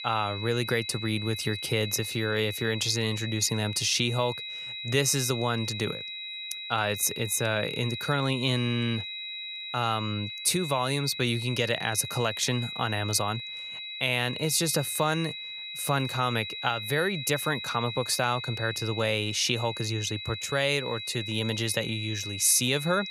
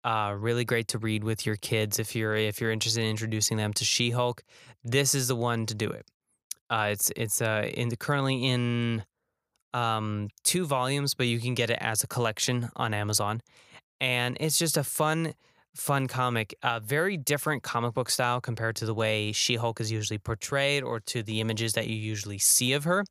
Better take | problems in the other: second | high-pitched whine; loud; throughout; 4 kHz, 7 dB below the speech

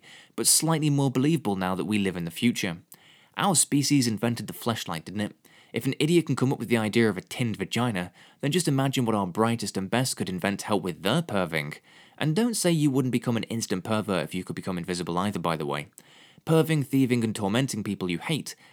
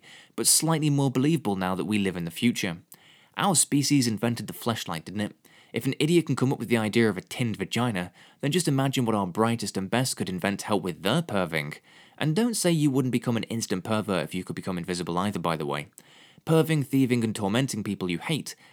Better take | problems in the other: neither | none

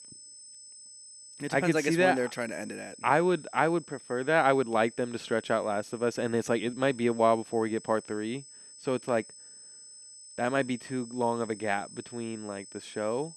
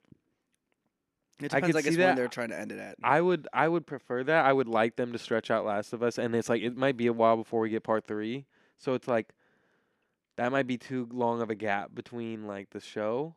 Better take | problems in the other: second | high-pitched whine; noticeable; throughout; 8 kHz, 20 dB below the speech

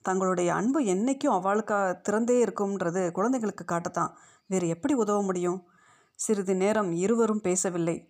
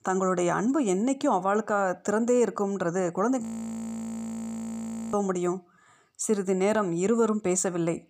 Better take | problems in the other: first | audio freezing; at 3.5 s for 1.5 s

